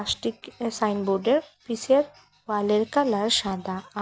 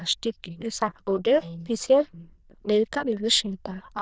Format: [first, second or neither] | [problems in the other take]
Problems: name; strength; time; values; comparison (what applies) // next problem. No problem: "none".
first | noise reduction (neural diffusion model UNIVERSE++)